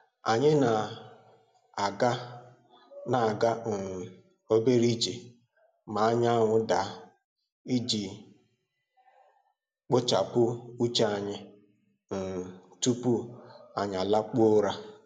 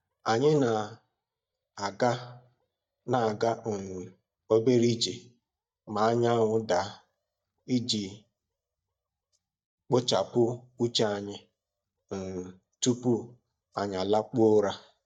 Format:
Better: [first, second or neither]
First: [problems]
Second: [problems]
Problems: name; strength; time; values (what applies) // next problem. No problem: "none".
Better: first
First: none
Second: noise reduction (neural mask model DeepFilterNet 3)